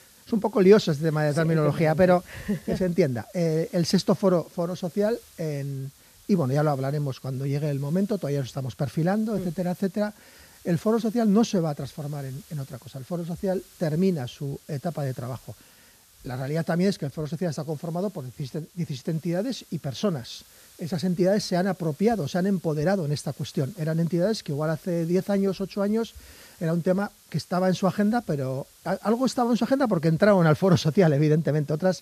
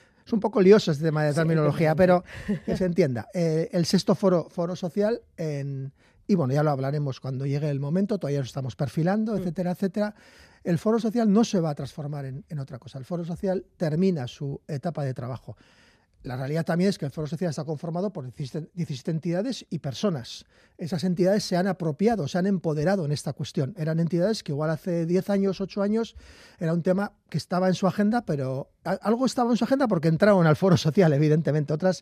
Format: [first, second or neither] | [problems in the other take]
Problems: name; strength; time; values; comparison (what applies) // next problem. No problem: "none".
second | hiss; faint; throughout; 25 dB below the speech